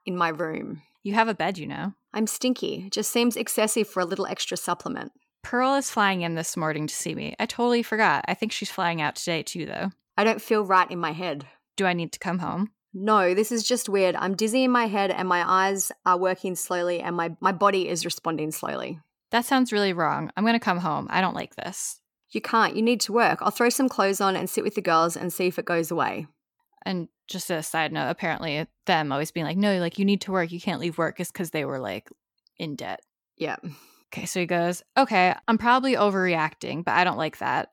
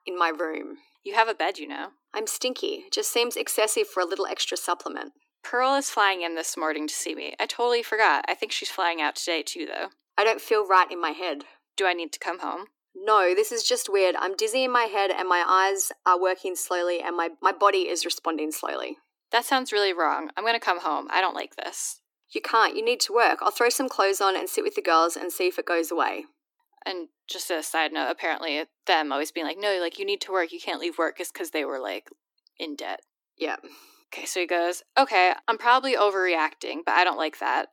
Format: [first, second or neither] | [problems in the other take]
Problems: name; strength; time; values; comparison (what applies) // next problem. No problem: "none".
first | thin; somewhat; fading below 300 Hz